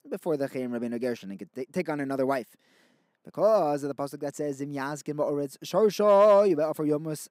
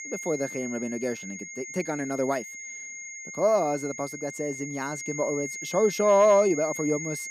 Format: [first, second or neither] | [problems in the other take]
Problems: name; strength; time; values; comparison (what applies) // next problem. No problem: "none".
first | high-pitched whine; loud; throughout; 2 kHz, 9 dB below the speech